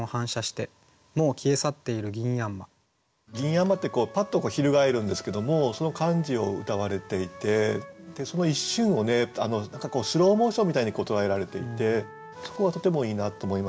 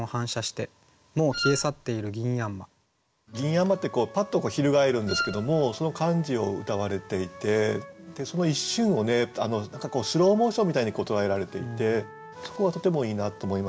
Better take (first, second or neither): first